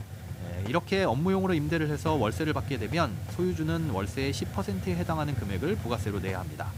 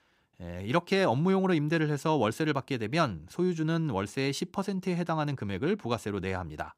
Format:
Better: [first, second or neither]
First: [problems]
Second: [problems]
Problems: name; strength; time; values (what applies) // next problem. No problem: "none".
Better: second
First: hiss; loud; throughout; 7 dB below the speech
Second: none